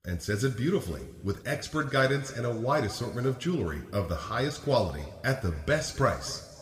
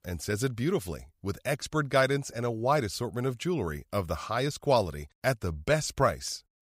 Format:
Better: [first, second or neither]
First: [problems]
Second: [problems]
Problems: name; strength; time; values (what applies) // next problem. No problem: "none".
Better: second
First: room echo; slight; dies away in 1.7 s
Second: none